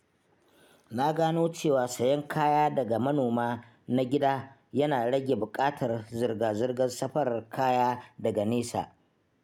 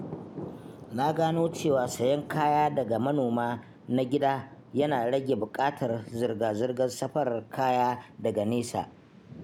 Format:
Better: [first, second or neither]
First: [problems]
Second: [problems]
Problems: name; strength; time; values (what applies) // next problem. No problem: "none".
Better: first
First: none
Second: background sound (Thunder); 16 dB below the speech